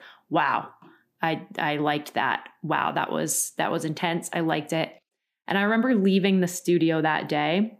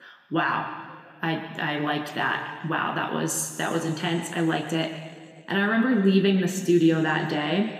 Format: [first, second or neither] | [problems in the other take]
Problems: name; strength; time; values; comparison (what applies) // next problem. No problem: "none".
first | room echo; slight; dies away in 1.9 s